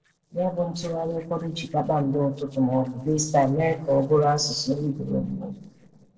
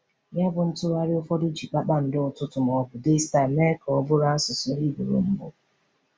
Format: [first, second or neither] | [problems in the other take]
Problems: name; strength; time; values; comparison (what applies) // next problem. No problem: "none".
second | noise reduction (neural separator model SepFormer DNS4)